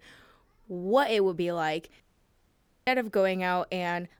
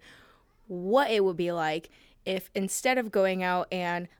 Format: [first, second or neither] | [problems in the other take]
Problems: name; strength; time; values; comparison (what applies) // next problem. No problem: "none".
second | audio cutting out; at 2 s for 1 s